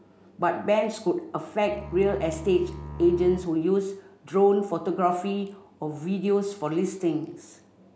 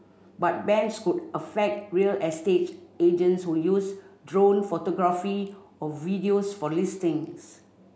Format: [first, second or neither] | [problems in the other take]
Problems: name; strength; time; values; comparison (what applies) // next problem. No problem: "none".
second | background sound (Bowed string instrument); 13 dB below the speech